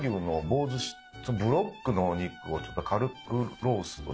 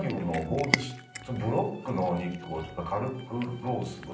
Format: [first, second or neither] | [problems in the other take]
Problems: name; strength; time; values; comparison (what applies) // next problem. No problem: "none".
first | background sound (Cat); 8 dB below the speech // room echo; dies away in 0.6 s